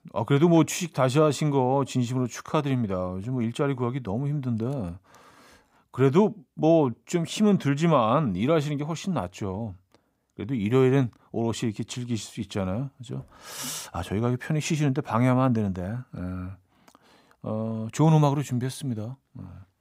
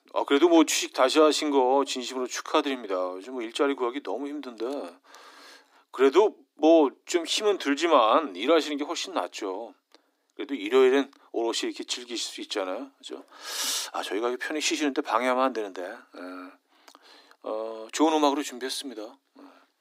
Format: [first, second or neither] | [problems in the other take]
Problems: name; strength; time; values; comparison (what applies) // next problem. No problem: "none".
first | thin; somewhat; fading below 300 Hz